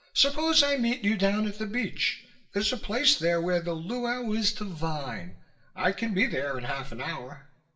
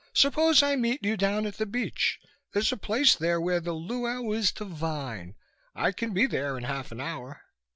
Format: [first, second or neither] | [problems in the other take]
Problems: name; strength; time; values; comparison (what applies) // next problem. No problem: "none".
second | room echo; dies away in 0.5 s